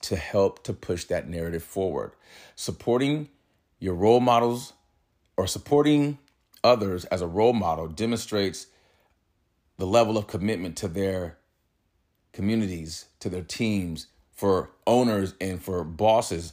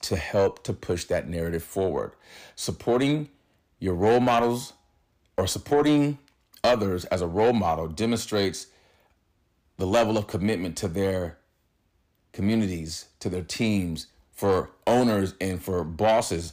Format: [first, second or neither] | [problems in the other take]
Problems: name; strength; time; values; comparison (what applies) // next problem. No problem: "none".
first | distortion; slight; 10 dB below the speech